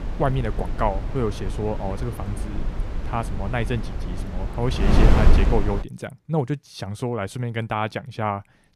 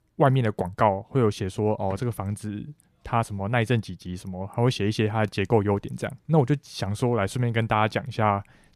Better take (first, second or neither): second